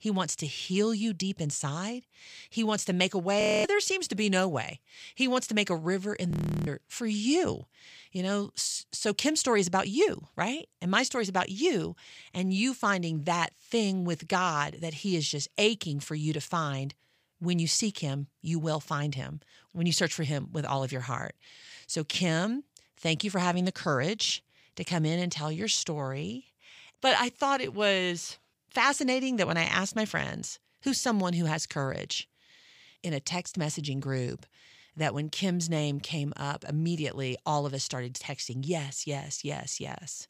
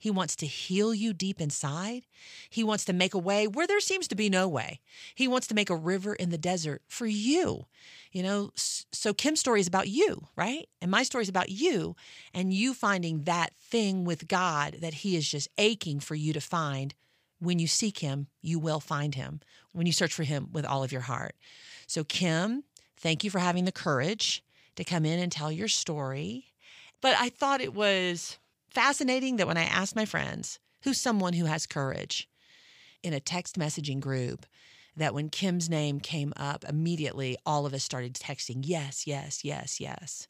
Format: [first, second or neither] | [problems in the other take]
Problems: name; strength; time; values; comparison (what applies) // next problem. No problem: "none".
second | audio freezing; at 3.5 s and at 6.5 s